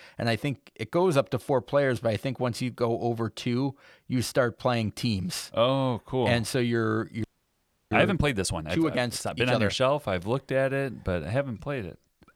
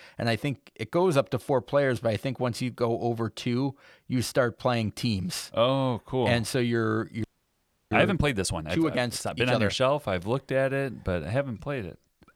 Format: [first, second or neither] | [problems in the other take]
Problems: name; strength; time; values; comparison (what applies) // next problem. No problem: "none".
neither | audio freezing; at 7 s for 0.5 s; the same in both